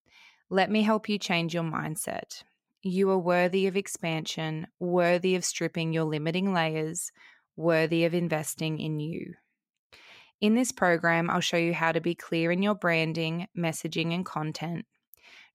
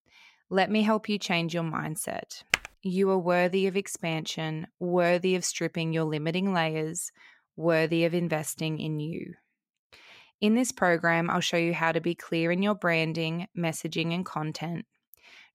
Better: first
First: none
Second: keyboard typing; very faint; at 2.5 s; peak 1 dB below the speech

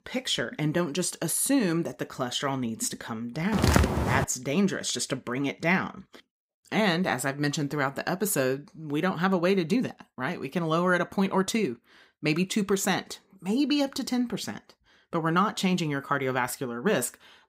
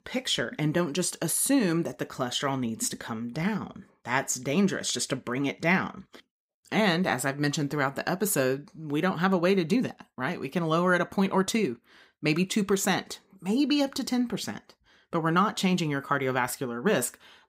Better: second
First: footsteps; loud; at 3.5 s; peak 5 dB above the speech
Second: none

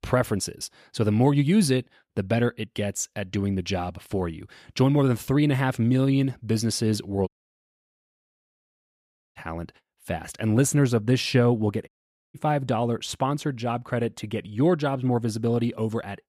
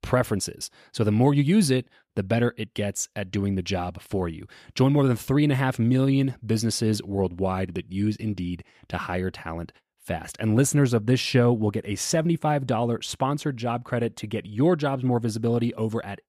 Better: second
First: audio cutting out; at 7.5 s for 2 s and at 12 s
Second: none

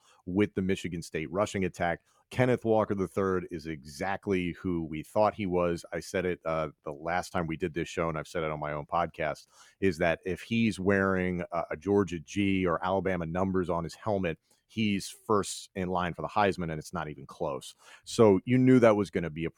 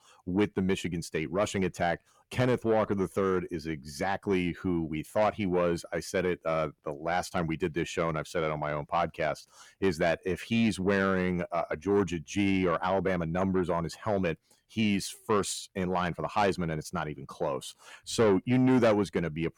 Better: first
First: none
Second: distortion; slight; 10 dB below the speech

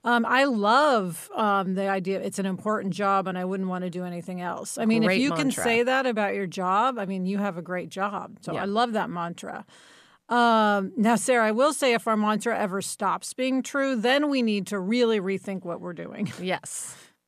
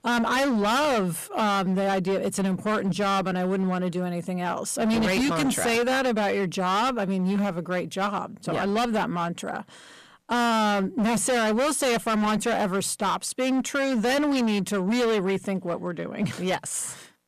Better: first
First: none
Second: distortion; heavy; 23% of the sound clipped

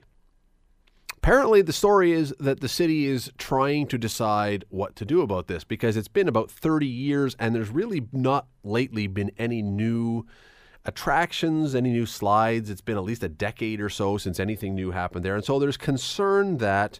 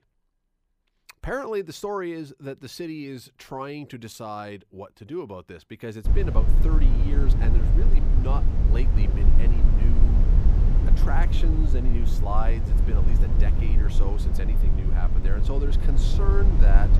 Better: first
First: none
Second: low rumble; loud; from 6 s on; 4 dB below the speech

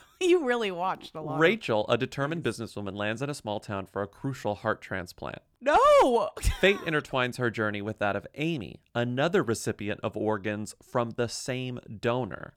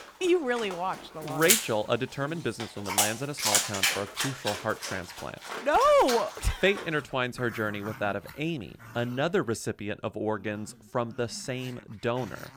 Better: first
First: none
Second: animal sounds; very loud; throughout; as loud as the speech

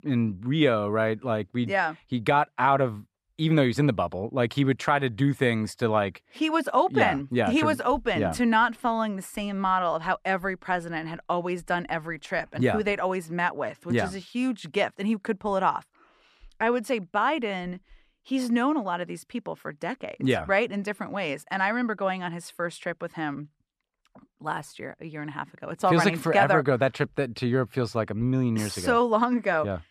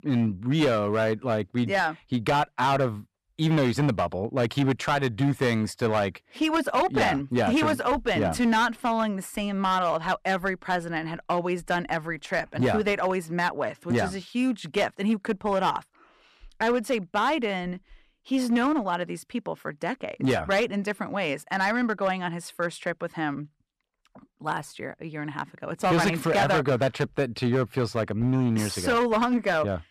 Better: first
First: none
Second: distortion; slight; 8% of the sound clipped

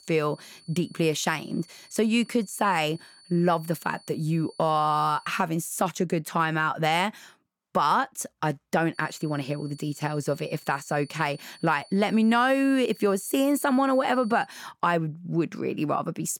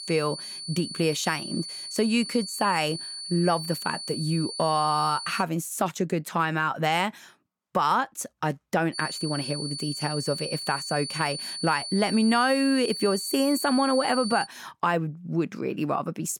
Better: first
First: high-pitched whine; faint; until 5.5 s and from 9 to 14 s; 4.5 kHz, 25 dB below the speech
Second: high-pitched whine; loud; until 5.5 s and from 9 to 14 s; 4.5 kHz, 7 dB below the speech

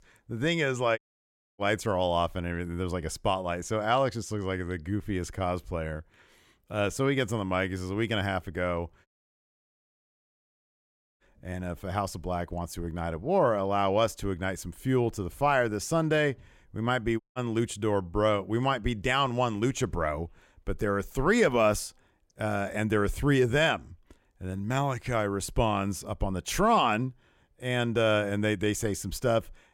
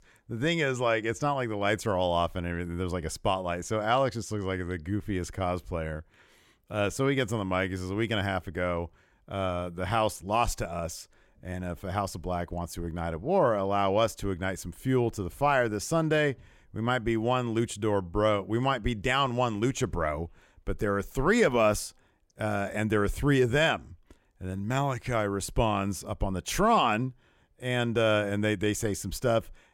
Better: second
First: audio cutting out; at 1 s for 0.5 s, at 9 s for 2 s and at 17 s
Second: none

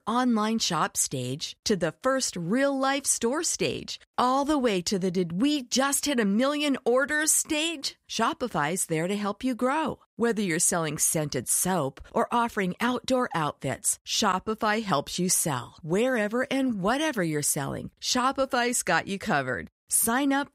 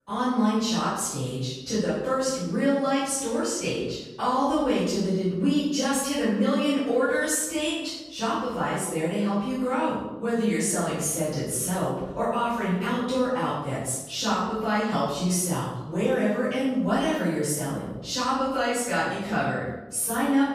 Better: first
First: none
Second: off-mic speech; far // room echo; strong; dies away in 0.9 s

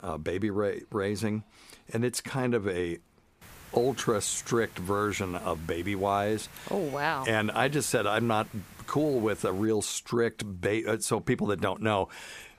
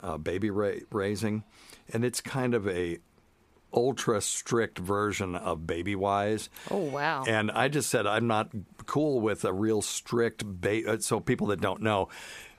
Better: second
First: hiss; faint; from 3.5 to 9.5 s; 20 dB below the speech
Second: none

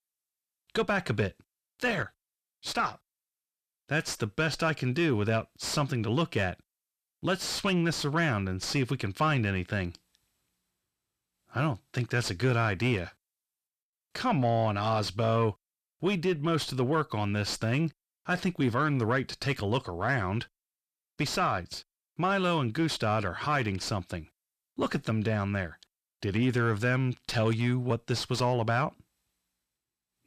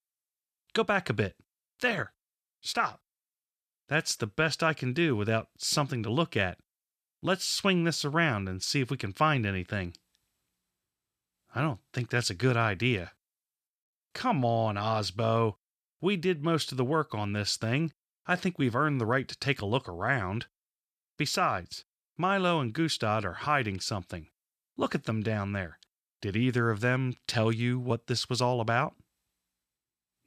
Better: second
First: distortion; slight; 10 dB below the speech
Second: none

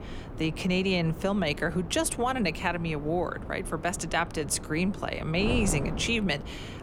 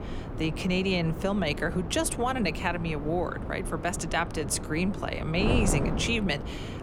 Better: first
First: wind noise on the microphone; occasional gusts; 15 dB below the speech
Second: wind noise on the microphone; heavy; 9 dB below the speech

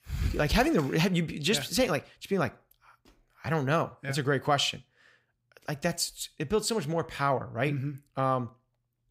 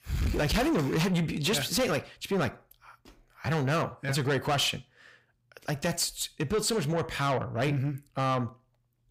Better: first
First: none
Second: distortion; heavy; 8 dB below the speech

